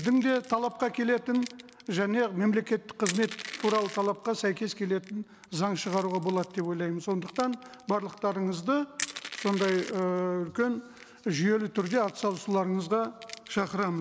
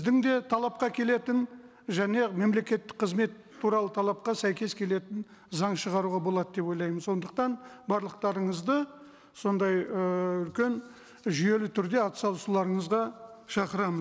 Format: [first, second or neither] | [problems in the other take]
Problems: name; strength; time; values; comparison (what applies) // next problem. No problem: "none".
second | background sound (Crushing); 16 dB below the speech